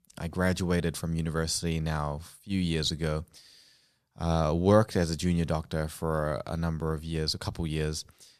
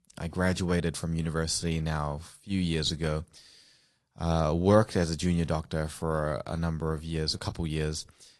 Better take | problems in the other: first | garbled, watery; slightly

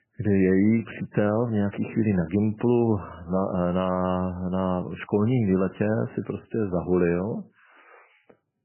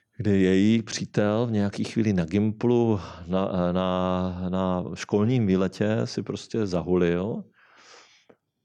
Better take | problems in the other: second | garbled, watery; badly; nothing above 3 kHz

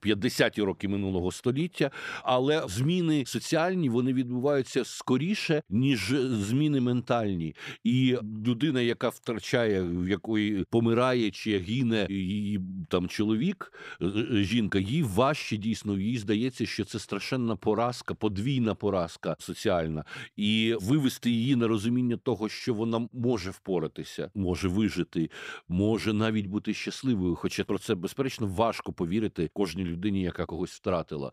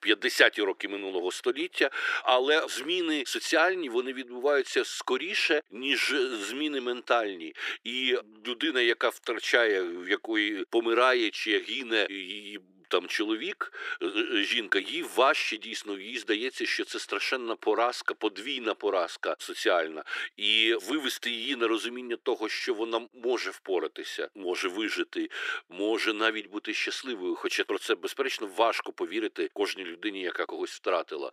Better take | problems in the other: first | thin; very; fading below 350 Hz

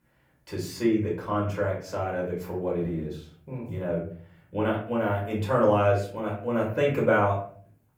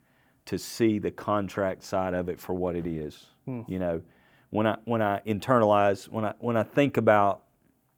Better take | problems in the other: second | off-mic speech; far // room echo; slight; dies away in 0.5 s

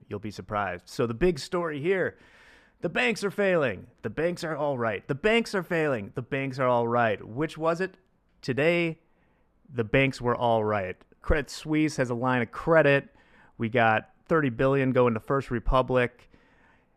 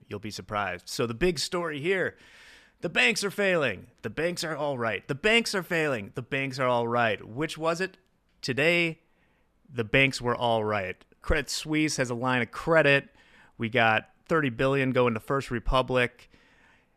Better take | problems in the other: second | muffled; slightly; fading above 2 kHz

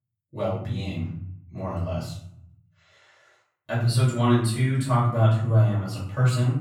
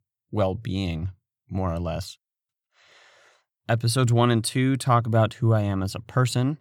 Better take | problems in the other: second | off-mic speech; far // room echo; noticeable; dies away in 0.6 s

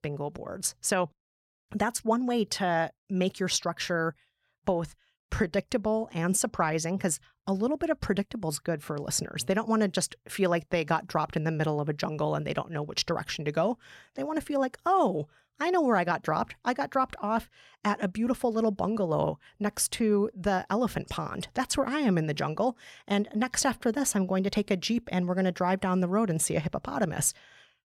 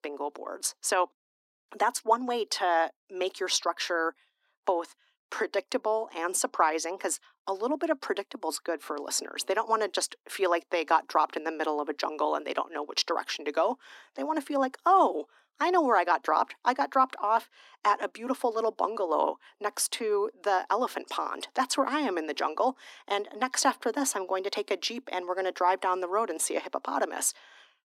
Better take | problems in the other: first | thin; somewhat; fading below 250 Hz

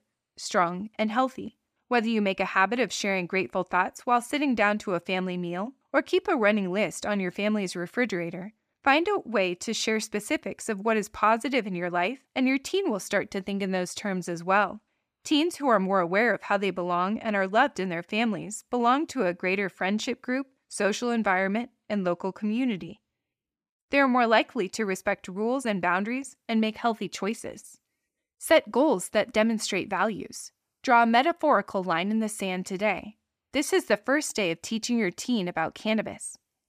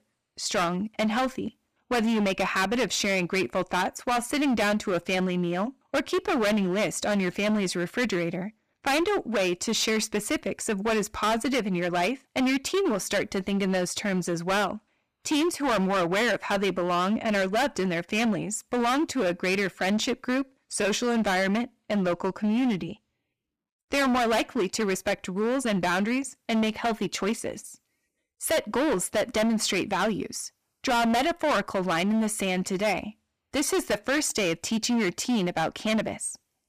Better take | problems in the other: first | distortion; heavy; 18% of the sound clipped

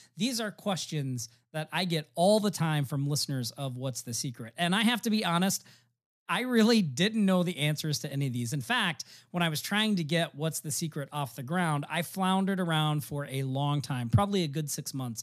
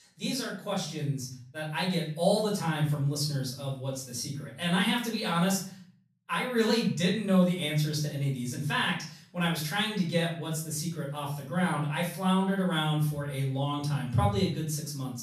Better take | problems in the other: first | room echo; slight; dies away in 0.4 s // off-mic speech; far

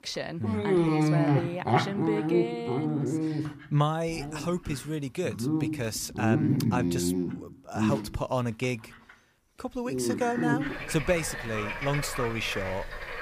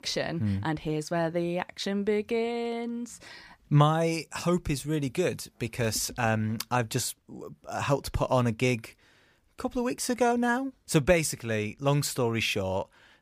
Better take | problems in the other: second | animal sounds; very loud; throughout; 2 dB above the speech

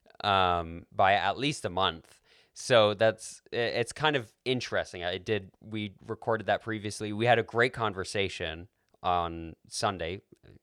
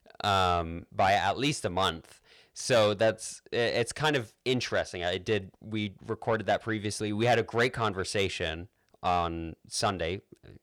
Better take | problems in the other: first | distortion; slight; 10 dB below the speech

